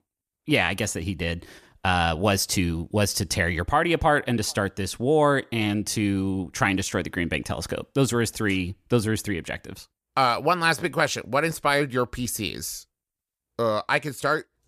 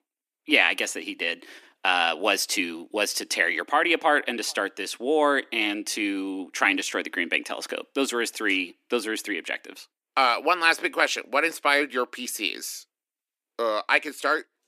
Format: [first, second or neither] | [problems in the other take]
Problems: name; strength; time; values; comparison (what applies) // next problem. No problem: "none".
first | thin; somewhat; fading below 250 Hz